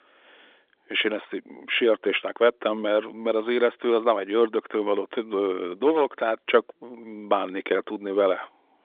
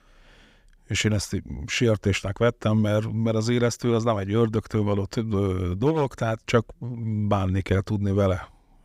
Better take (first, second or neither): second